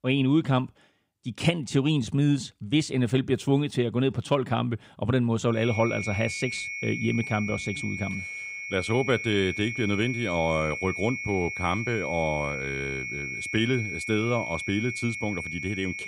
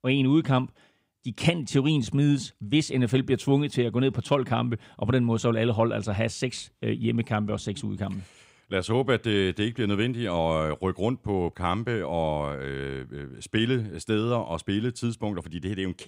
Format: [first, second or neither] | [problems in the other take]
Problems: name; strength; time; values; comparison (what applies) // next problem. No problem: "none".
second | high-pitched whine; loud; from 5.5 s on; 2 kHz, 5 dB below the speech